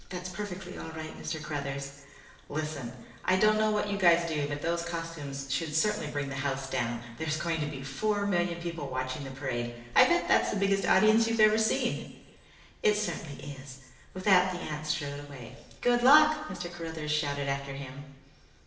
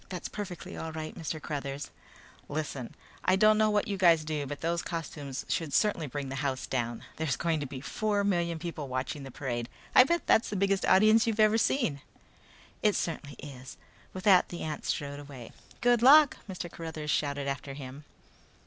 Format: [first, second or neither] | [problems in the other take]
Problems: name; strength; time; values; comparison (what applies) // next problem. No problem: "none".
second | room echo; dies away in 0.9 s